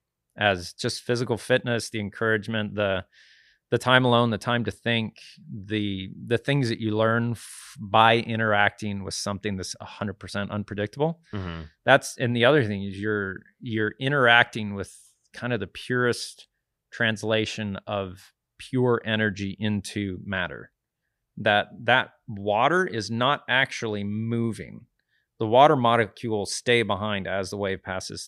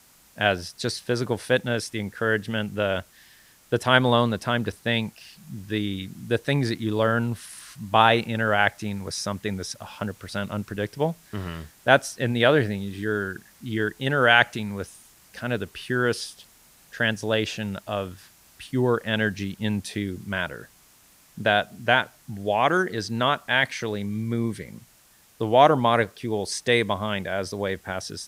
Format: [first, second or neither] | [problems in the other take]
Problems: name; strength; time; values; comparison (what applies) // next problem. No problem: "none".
first | hiss; faint; throughout; 30 dB below the speech